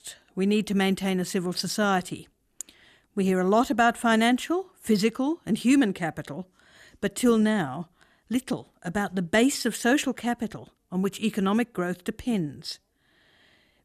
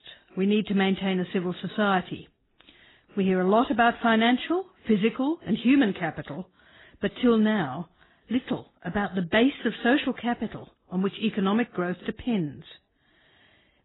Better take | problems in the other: first | garbled, watery; badly; nothing above 4 kHz

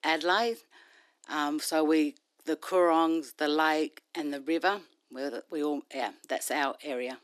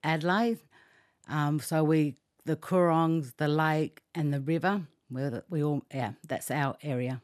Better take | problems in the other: second | thin; somewhat; fading below 300 Hz

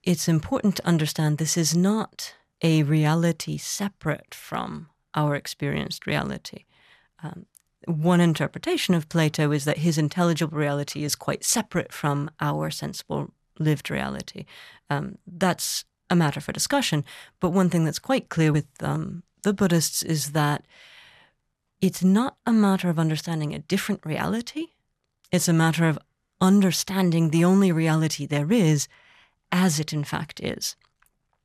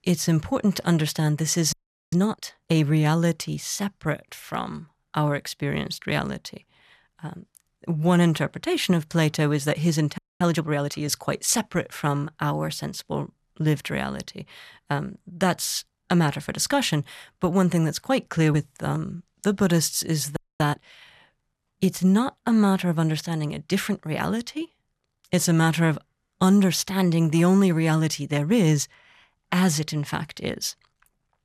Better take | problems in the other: first | audio freezing; at 1.5 s, at 10 s and at 20 s

